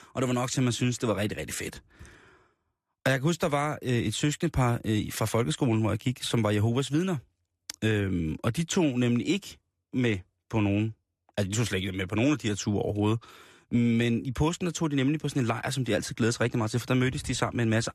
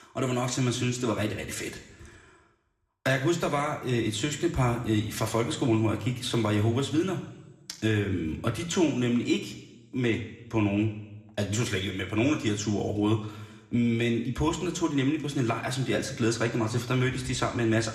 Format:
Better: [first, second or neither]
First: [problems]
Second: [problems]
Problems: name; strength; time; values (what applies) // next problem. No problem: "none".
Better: first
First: none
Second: room echo; slight; dies away in 0.9 s